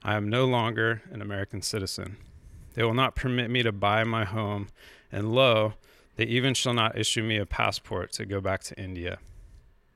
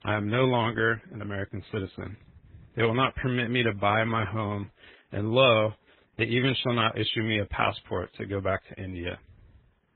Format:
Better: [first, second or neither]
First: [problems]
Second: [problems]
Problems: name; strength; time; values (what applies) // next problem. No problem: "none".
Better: first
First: none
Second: garbled, watery; badly; nothing above 3.5 kHz